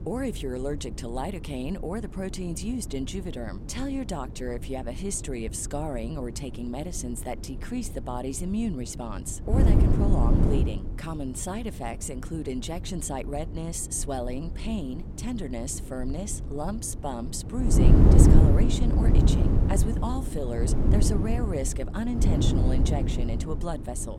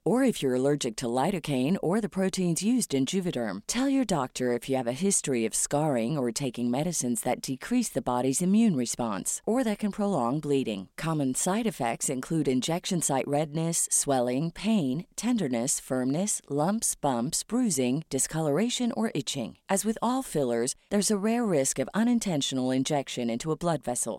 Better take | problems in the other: second | wind noise on the microphone; heavy; 1 dB above the speech

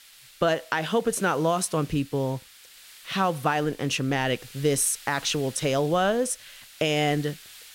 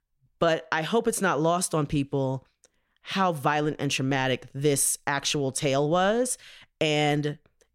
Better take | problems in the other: second | hiss; noticeable; throughout; 20 dB below the speech

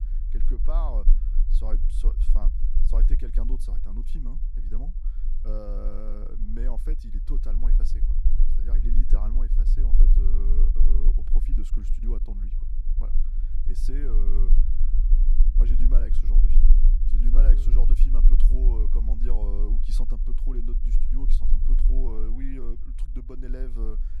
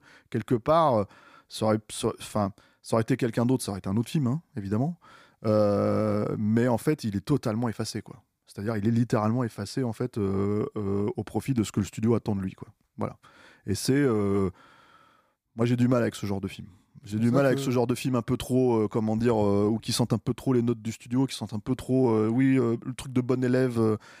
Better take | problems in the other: second | low rumble; loud; throughout; 6 dB below the speech

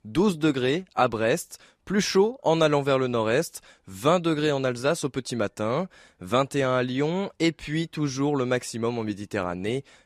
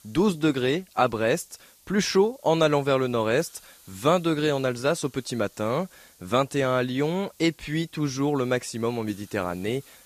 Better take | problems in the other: first | hiss; faint; throughout; 25 dB below the speech

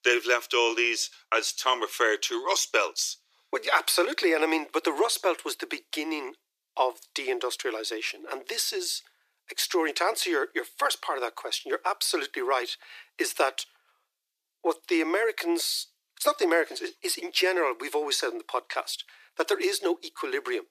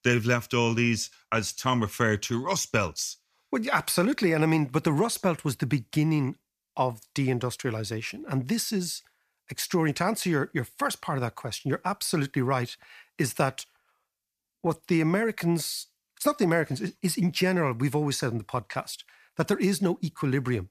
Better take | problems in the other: second | thin; very; fading below 350 Hz

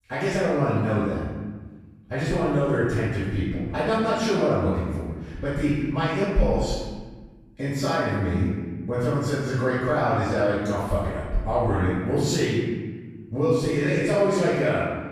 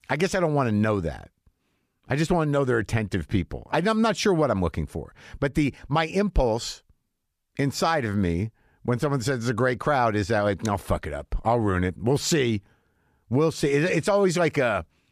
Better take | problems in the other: second | off-mic speech; far // room echo; strong; dies away in 1.3 s

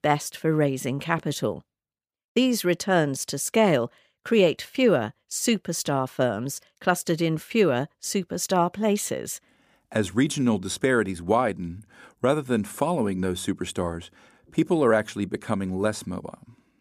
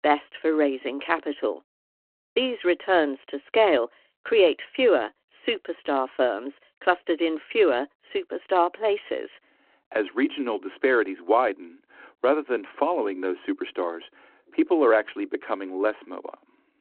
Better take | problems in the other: first | phone-call audio

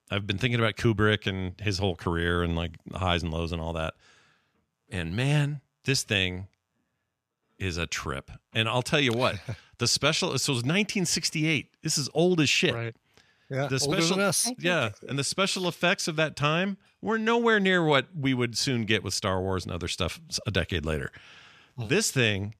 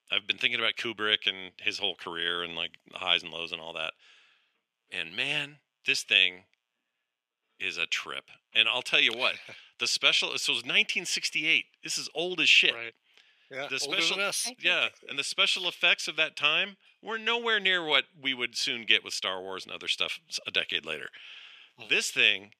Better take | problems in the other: first | thin; somewhat; fading below 350 Hz

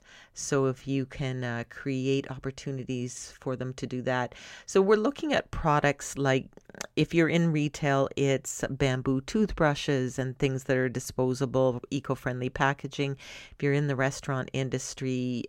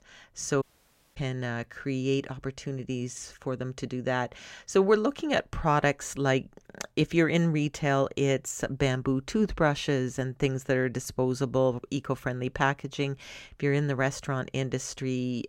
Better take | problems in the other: first | audio cutting out; at 0.5 s for 0.5 s

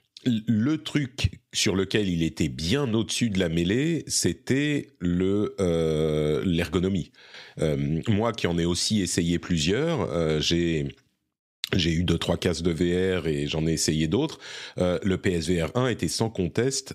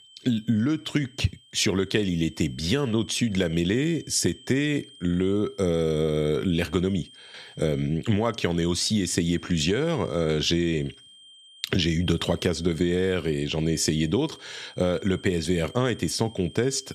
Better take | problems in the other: first | high-pitched whine; faint; throughout; 3 kHz, 25 dB below the speech

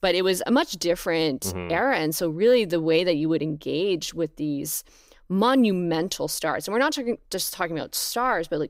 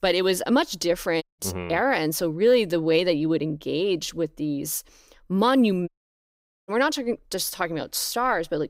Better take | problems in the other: first | audio cutting out; at 1 s and at 6 s for 1 s

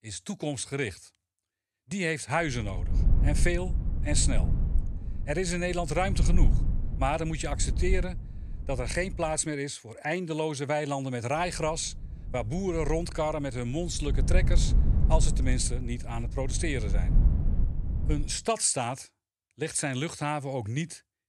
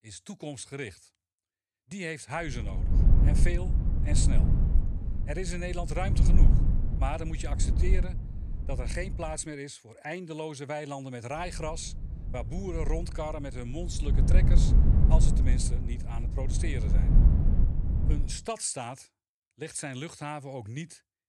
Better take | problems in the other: first | wind noise on the microphone; heavy; from 2.5 to 9.5 s and from 11 to 18 s; 5 dB below the speech; occasional gusts in the first

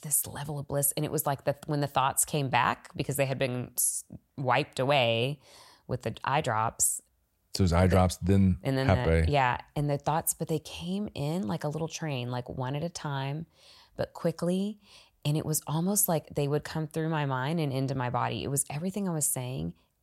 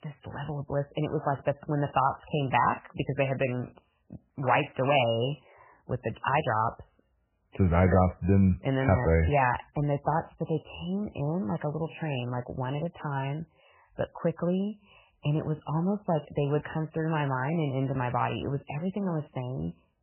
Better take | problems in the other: first | garbled, watery; badly; nothing above 3 kHz

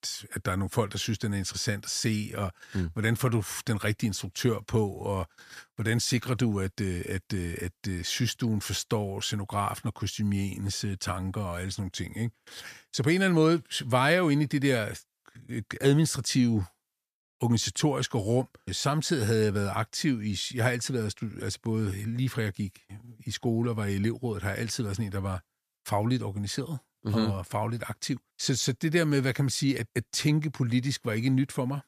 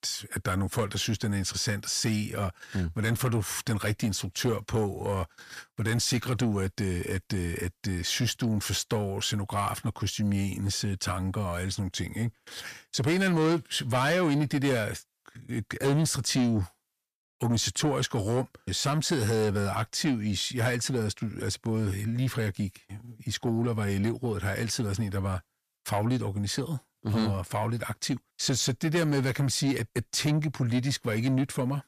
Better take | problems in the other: first | distortion; slight; 10 dB below the speech

